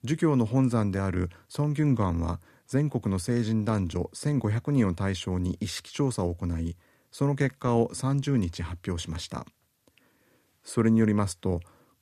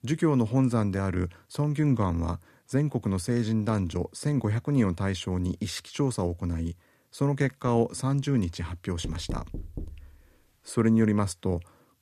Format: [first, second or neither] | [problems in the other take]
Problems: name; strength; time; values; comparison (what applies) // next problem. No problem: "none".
first | door banging; noticeable; from 9 to 10 s; peak 10 dB below the speech